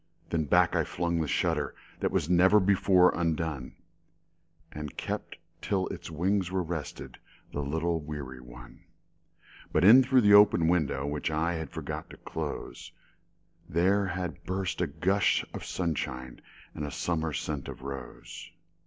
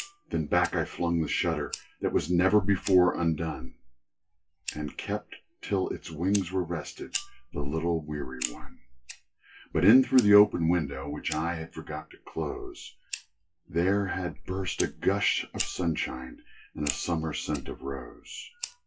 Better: first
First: none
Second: noise reduction (classical method WPE with log-MMSE)

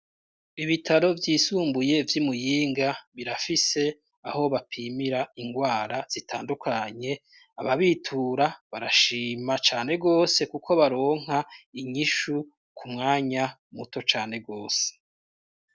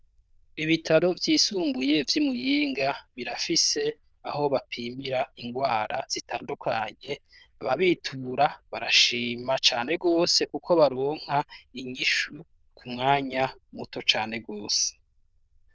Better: first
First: none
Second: noise reduction (neural diffusion model UNIVERSE++)

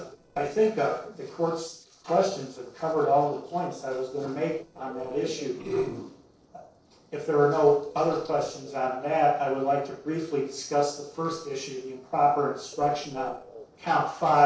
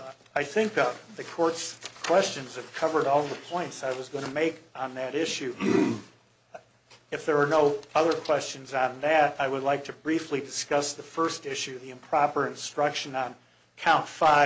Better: second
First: noise reduction (neural separator model SepFormer DNS4)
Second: none

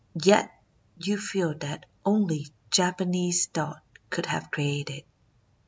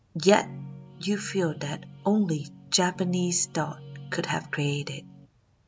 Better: first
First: none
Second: background sound (Guitar); 15 dB below the speech

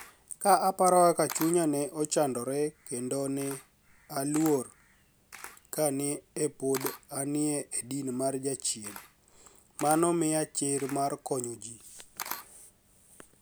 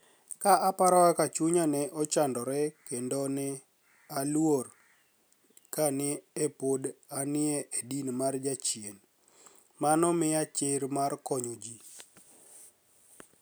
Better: second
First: background sound (Camera); 18 dB below the speech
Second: none

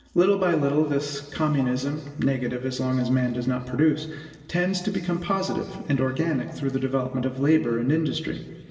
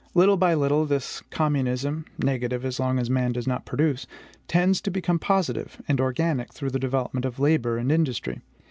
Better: second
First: room echo; dies away in 2.1 s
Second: none

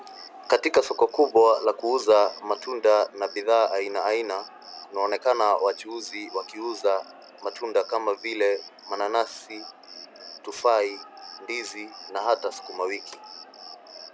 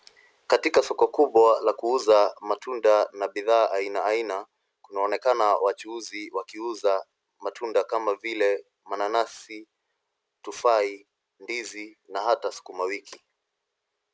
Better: second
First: background sound (Cricket); 19 dB below the speech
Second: none

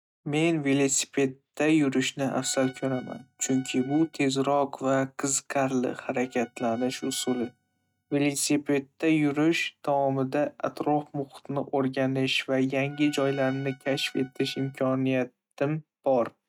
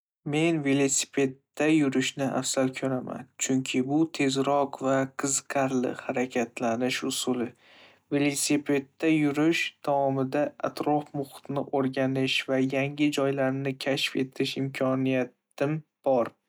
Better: second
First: noise reduction (neural mask model RNNoise)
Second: none

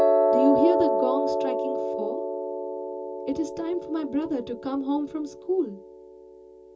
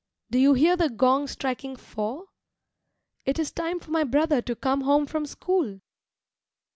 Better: second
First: background sound (Piano); 2 dB above the speech // room echo; dies away in 0.2 s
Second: none

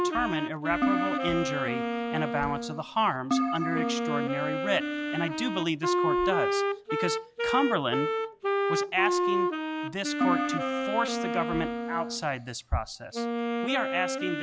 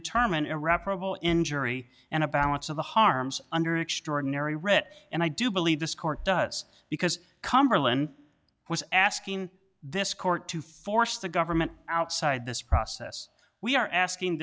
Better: second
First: background sound (Wind instrument, woodwind instrument + Keyboard (musical)); 2 dB above the speech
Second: none

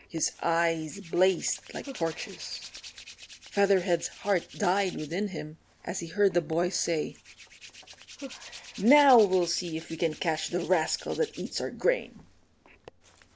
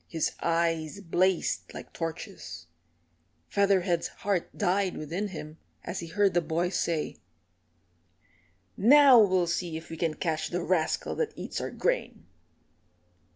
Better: second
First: background sound (Hands); 19 dB below the speech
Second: none

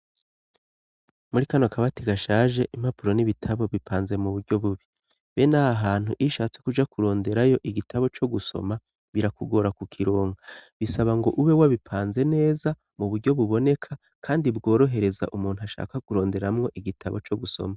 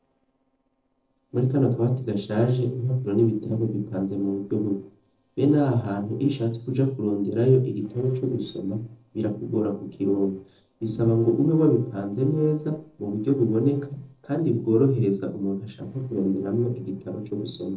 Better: first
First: none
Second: noise reduction (neural separator model SepFormer DNS4)

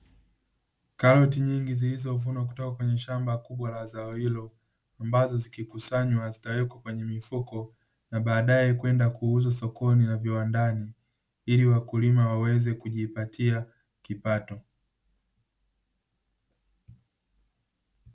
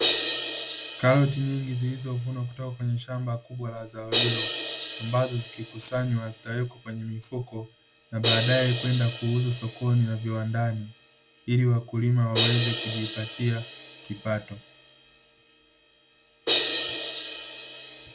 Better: first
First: none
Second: background sound (Crash cymbal); 5 dB below the speech

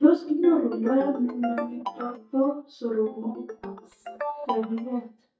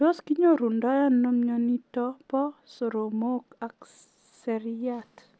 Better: second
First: noise reduction (neural mask model DeepFilterNet 3)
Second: none

